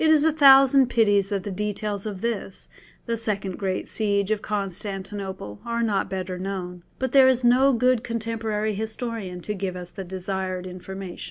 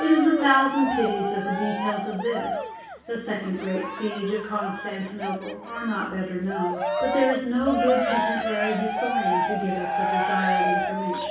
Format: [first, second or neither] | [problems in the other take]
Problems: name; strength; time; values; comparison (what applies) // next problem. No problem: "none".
first | background sound (Cheering); 2 dB below the speech // room echo; dies away in 0.6 s